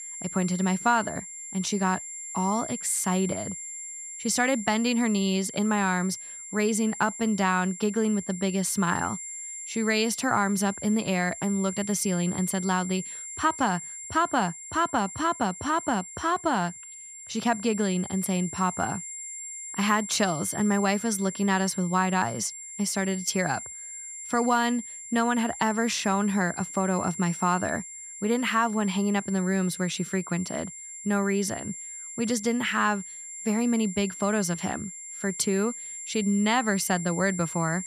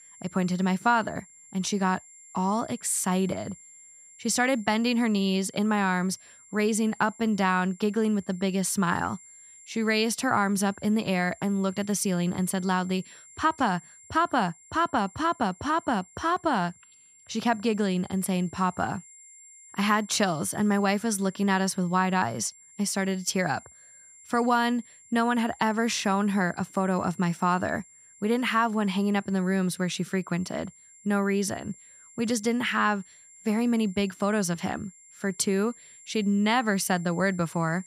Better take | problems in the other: second | high-pitched whine; loud; throughout; 7.5 kHz, 10 dB below the speech; faint in the second

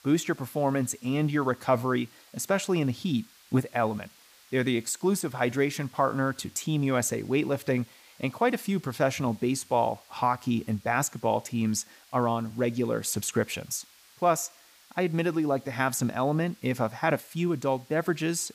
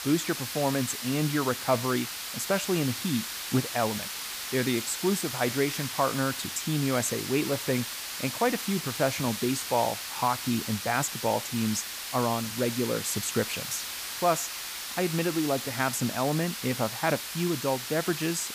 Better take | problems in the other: first | hiss; loud; throughout; 4 dB below the speech; faint in the first

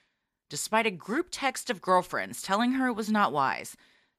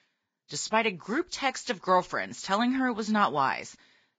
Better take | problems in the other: first | garbled, watery; badly; nothing above 7.5 kHz

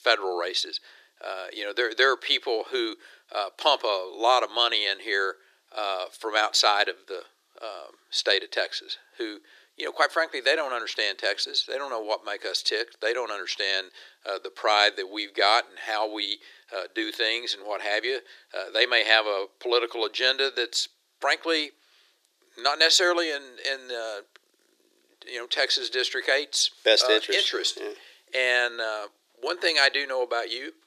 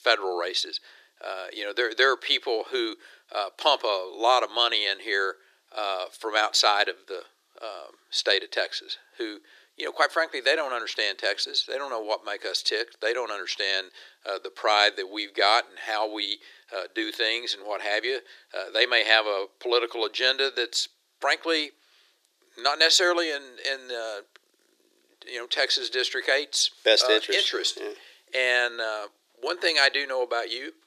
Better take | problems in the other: neither | thin; very; fading below 350 Hz; the same in both

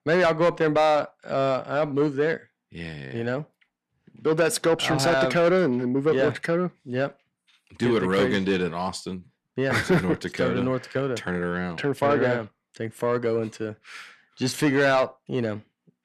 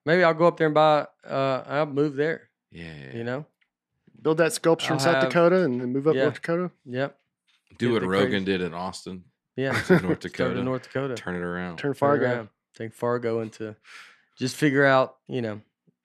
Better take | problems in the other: second | distortion; slight; 10 dB below the speech

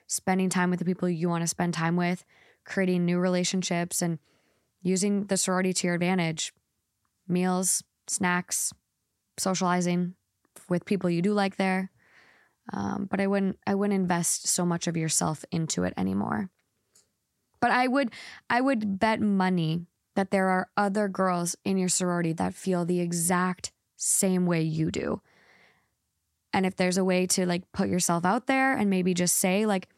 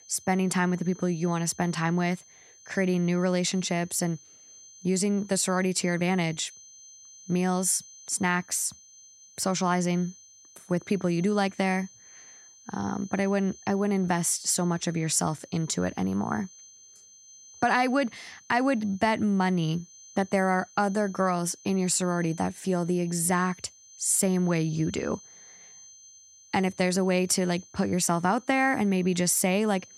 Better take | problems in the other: first | high-pitched whine; faint; throughout; 6 kHz, 20 dB below the speech

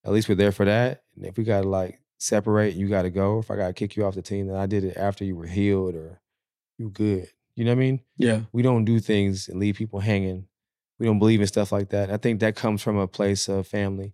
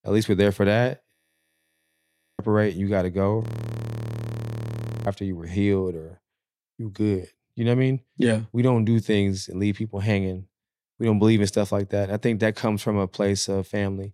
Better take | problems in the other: first | audio freezing; at 1 s for 1.5 s and at 3.5 s for 1.5 s

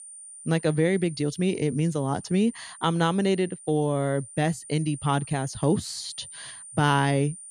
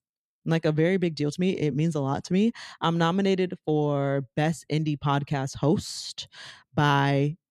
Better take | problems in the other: second | high-pitched whine; noticeable; throughout; 9 kHz, 15 dB below the speech

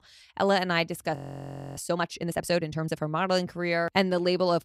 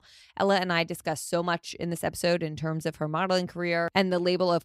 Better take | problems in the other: second | audio freezing; at 1 s for 0.5 s

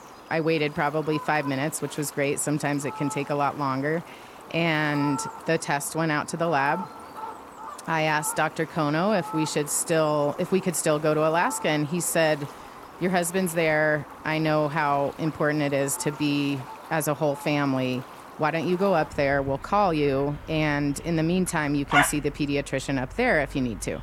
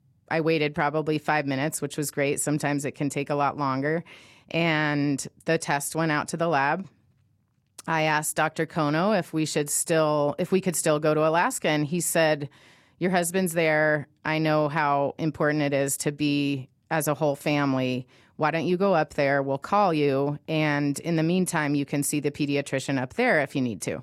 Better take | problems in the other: second | animal sounds; noticeable; throughout; 10 dB below the speech

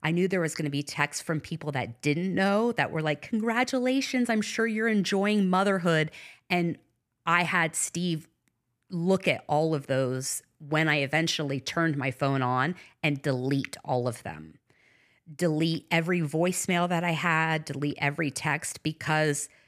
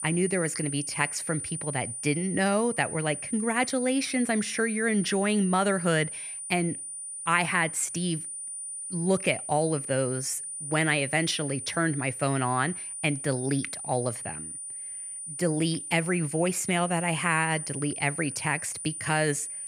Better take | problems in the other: first | high-pitched whine; loud; throughout; 9.5 kHz, 6 dB below the speech

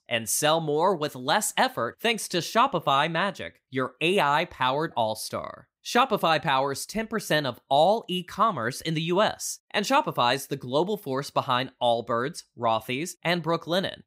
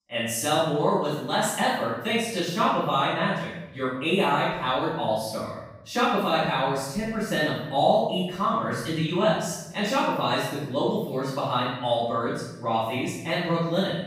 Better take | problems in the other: first | off-mic speech; far // room echo; strong; dies away in 1 s

